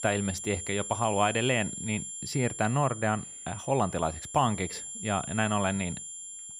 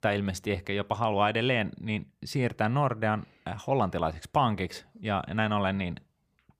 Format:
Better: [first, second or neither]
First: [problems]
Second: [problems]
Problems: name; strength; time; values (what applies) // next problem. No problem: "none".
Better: second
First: high-pitched whine; loud; throughout; 7.5 kHz, 8 dB below the speech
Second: none